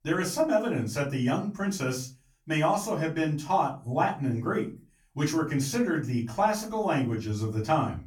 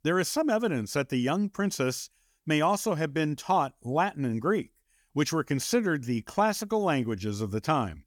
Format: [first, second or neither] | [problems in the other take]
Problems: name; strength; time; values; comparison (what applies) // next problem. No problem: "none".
second | off-mic speech; far // room echo; very slight; dies away in 0.3 s